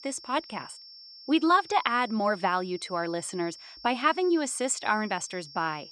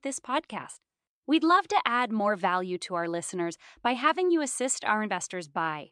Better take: second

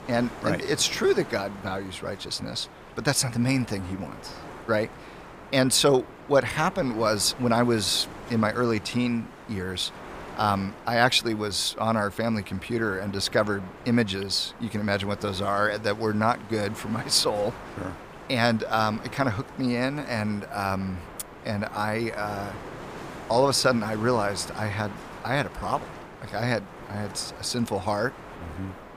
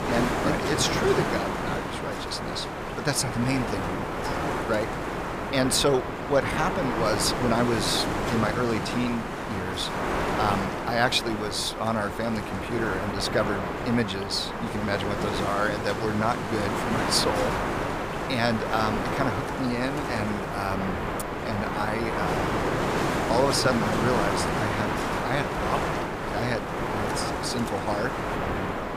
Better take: first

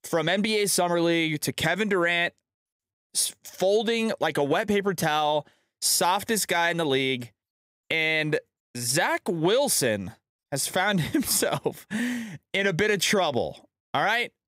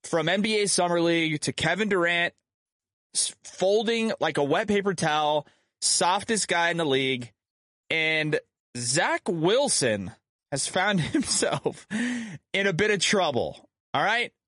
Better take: first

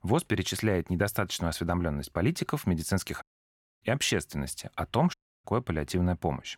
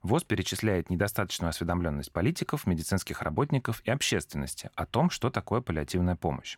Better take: second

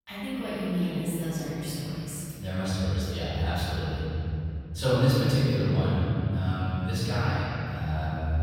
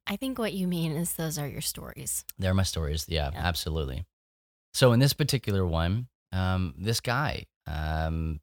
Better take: second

